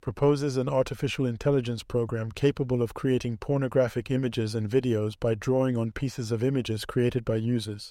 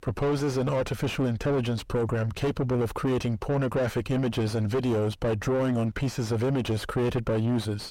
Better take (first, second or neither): first